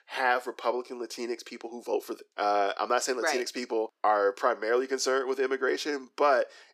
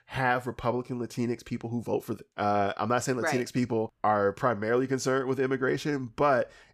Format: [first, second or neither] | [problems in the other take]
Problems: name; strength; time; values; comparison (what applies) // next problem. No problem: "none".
second | thin; somewhat; fading below 300 Hz